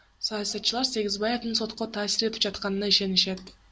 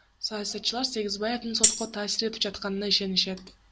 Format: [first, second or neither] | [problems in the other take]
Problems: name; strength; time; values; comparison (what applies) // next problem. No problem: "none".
first | background sound (Tambourine); 2 dB above the speech